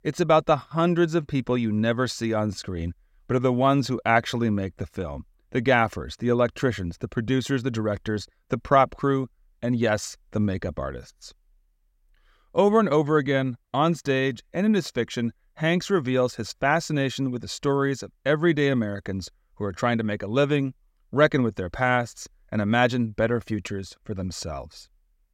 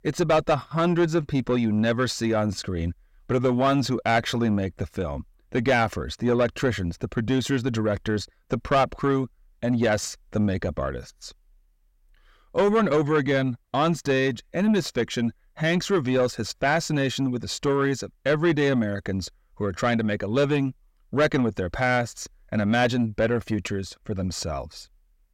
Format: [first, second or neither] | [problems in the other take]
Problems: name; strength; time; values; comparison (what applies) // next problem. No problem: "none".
first | distortion; slight; 9 dB below the speech